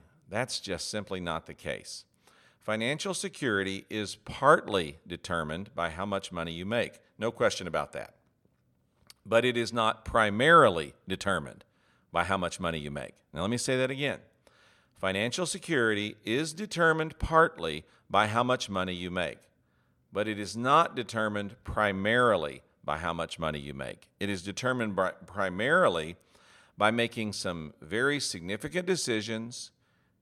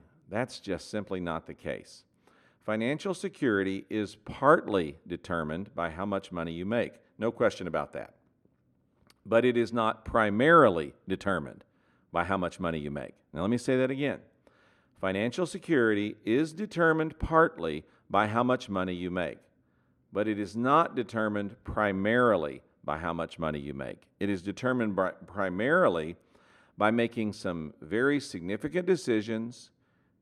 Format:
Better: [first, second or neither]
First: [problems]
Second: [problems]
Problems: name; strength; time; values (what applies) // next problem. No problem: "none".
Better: first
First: none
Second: muffled; slightly; fading above 3 kHz